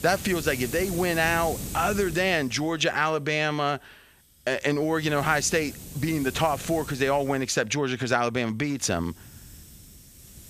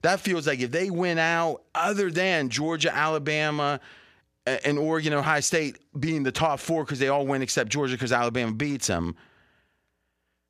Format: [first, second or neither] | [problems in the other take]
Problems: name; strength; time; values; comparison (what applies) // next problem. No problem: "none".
second | hiss; noticeable; throughout; 10 dB below the speech